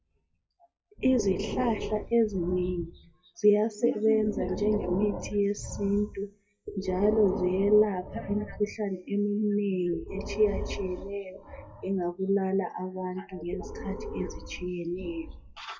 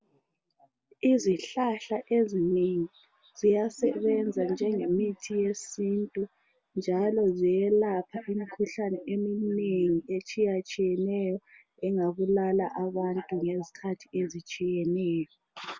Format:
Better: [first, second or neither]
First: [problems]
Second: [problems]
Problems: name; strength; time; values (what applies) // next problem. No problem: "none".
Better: second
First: noise reduction (classical method WPE with log-MMSE)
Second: none